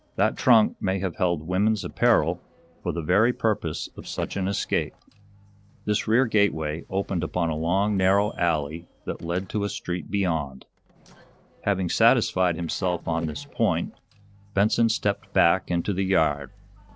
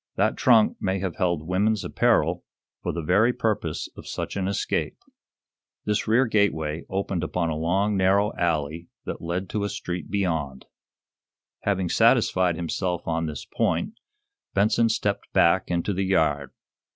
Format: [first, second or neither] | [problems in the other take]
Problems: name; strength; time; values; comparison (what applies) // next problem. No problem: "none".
second | noise reduction (neural separator model SepFormer DNS4)